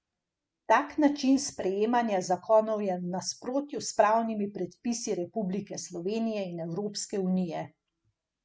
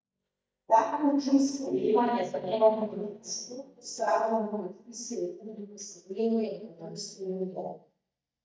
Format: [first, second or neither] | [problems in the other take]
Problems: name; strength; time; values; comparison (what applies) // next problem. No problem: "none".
first | noise reduction (neural mask model DeepFilterNet 3)